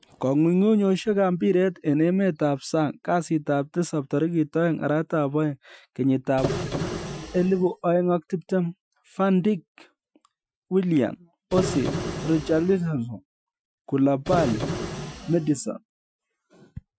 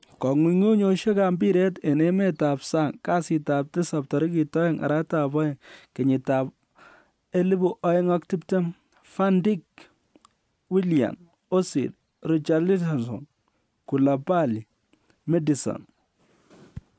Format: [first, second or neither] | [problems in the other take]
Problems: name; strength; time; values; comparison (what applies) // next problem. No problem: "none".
second | noise reduction (classical method Wiener filter)